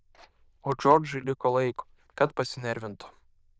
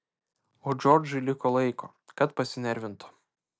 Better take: second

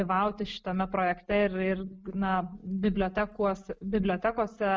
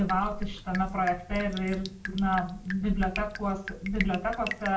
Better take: first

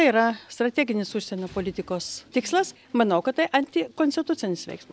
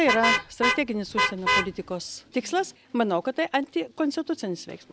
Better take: first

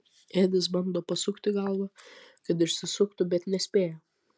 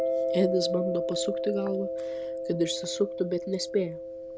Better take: first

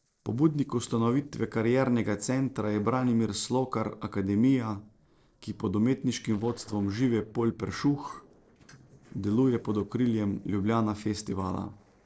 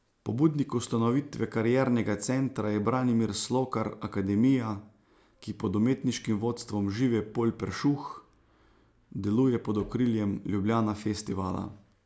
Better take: second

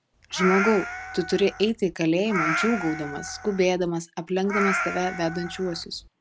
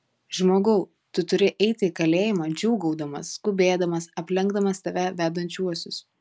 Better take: second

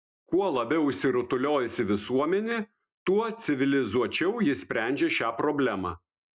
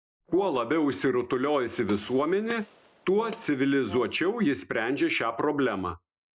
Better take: first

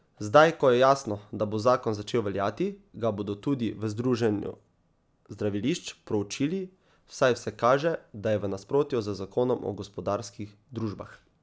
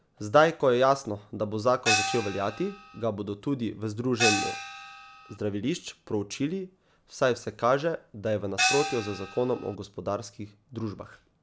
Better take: first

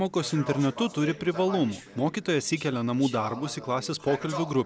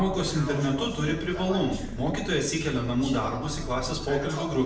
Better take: first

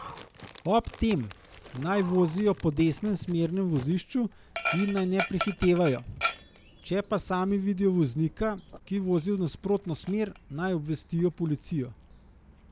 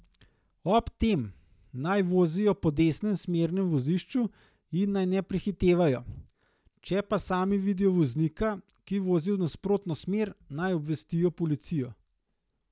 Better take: second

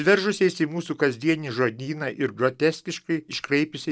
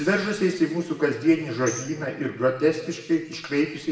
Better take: first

